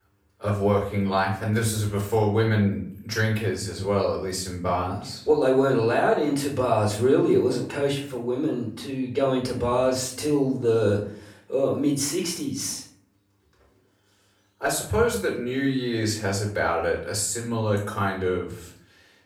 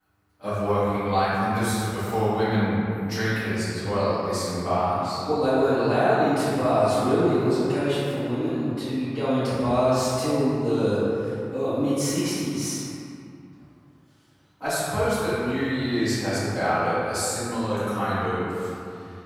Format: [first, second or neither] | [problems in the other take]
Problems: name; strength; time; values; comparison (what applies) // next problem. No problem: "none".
first | room echo; strong; dies away in 2.5 s; slight in the first // off-mic speech; far; far in the first